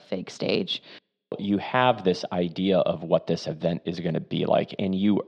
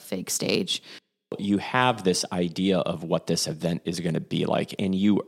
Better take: second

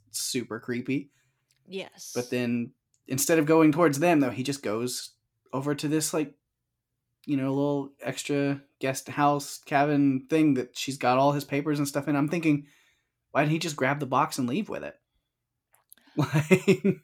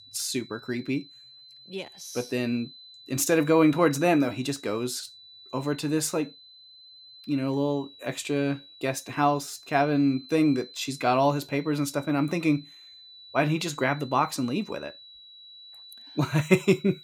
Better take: first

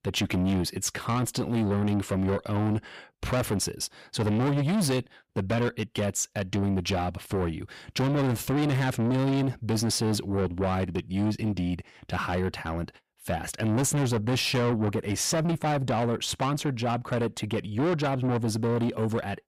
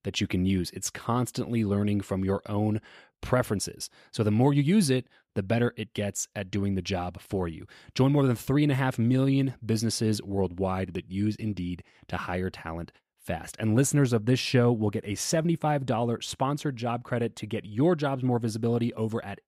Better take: second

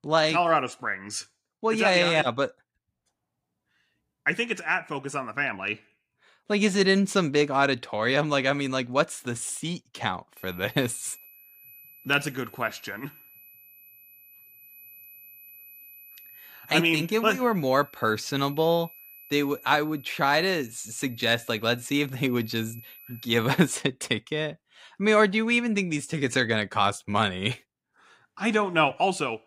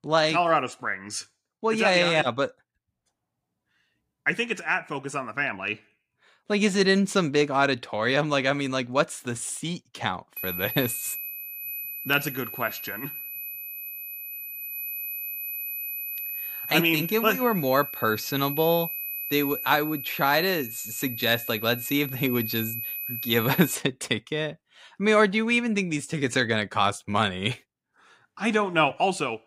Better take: first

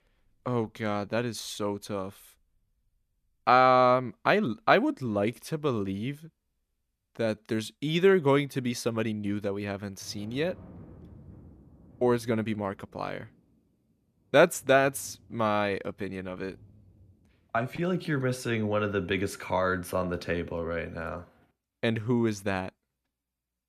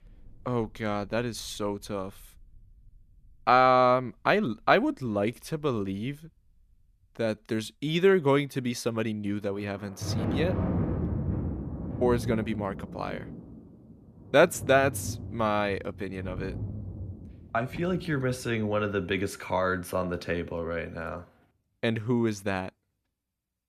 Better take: first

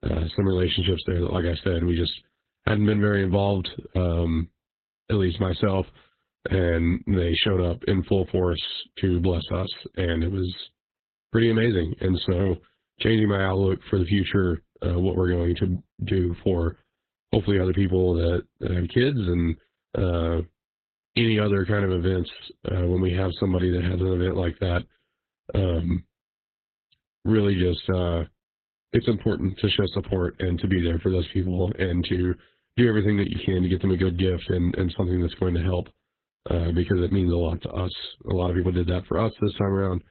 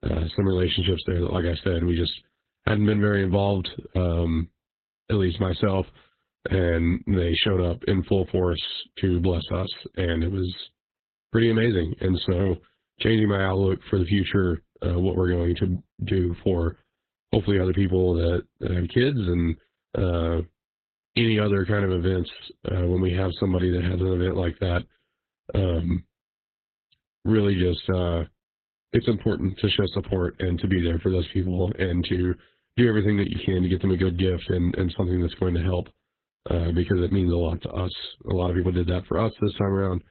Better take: neither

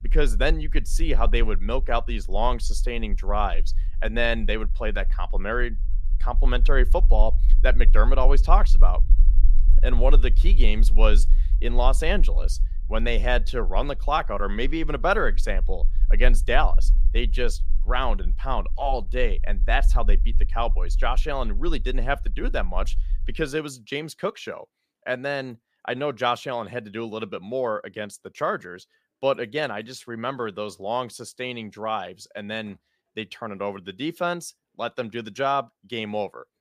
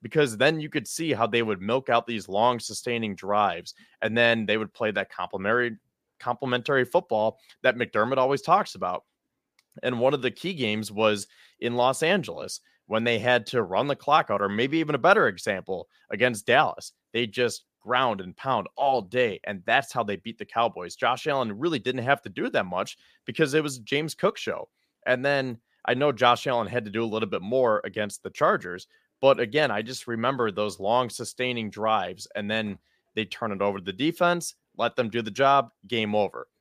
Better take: second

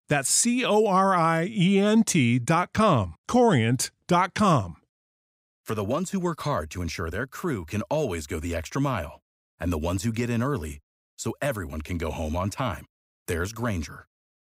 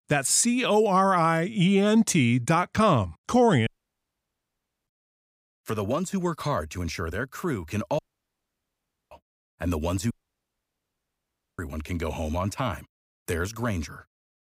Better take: first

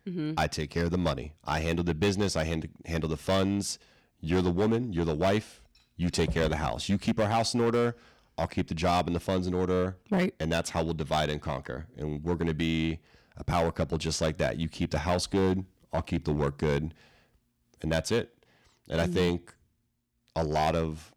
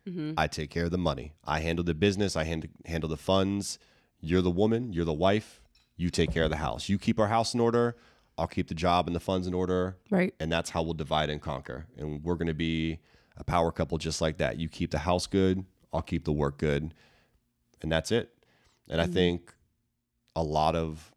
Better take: second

